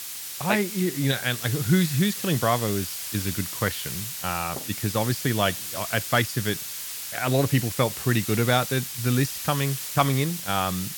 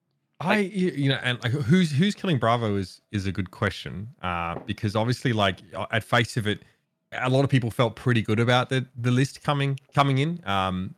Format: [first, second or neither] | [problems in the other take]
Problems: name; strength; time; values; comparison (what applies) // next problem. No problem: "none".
second | hiss; loud; throughout; 5 dB below the speech